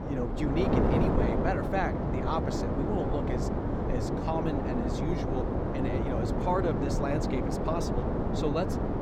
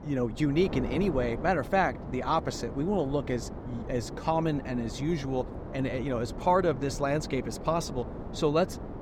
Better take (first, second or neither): second